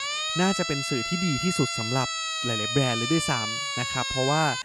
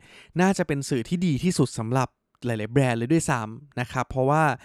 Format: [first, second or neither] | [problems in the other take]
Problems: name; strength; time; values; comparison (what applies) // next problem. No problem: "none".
second | siren; loud; peak 2 dB above the speech